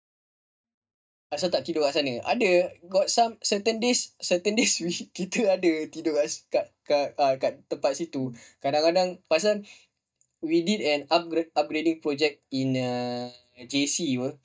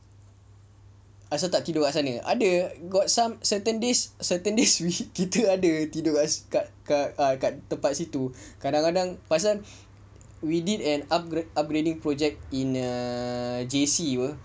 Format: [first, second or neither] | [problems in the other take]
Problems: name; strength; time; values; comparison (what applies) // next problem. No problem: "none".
second | noise reduction (neural mask model DeepFilterNet 3)